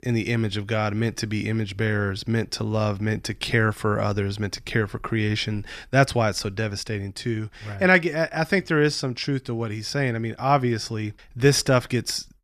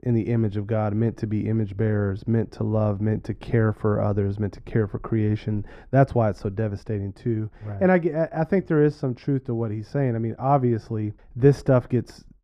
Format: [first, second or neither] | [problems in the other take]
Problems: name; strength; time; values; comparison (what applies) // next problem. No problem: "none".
first | muffled; very; fading above 1.5 kHz